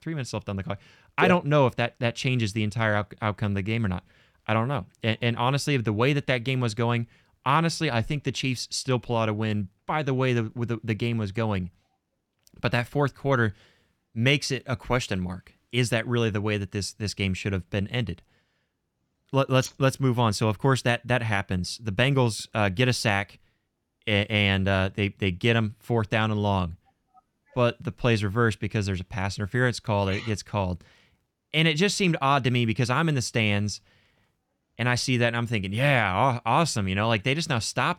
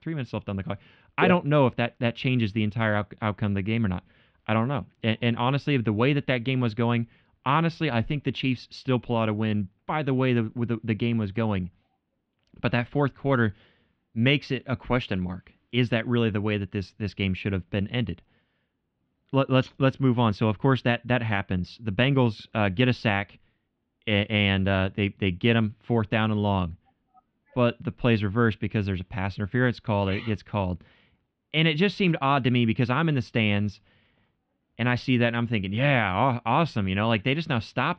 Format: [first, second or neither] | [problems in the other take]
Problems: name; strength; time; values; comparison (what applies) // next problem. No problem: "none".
first | muffled; slightly; fading above 3.5 kHz